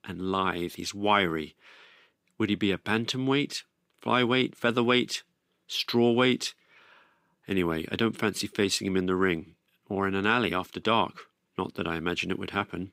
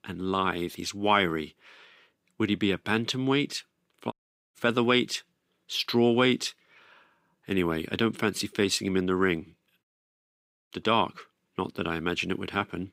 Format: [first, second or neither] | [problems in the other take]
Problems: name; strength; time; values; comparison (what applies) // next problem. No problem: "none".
first | audio cutting out; at 4 s and at 10 s for 1 s